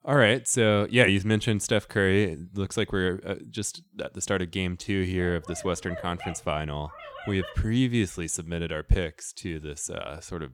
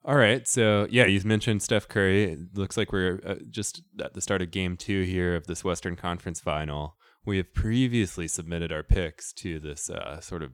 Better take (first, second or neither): second